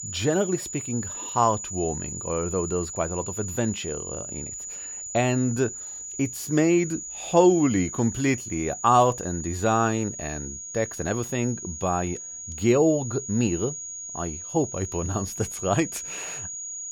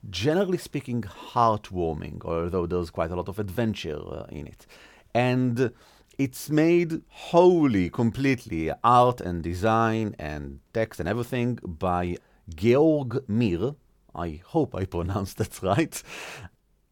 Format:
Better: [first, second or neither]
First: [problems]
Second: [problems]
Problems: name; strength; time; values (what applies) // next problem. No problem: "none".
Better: second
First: high-pitched whine; loud; throughout; 7 kHz, 8 dB below the speech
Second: none